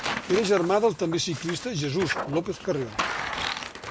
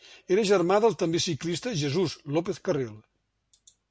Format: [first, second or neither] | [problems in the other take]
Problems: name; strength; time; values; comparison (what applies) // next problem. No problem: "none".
second | background sound (Tearing); 6 dB below the speech